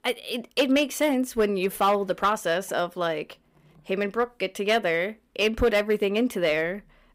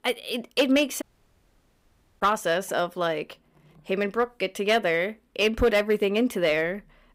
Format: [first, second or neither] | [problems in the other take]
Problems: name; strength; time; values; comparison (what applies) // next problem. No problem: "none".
first | audio cutting out; at 1 s for 1 s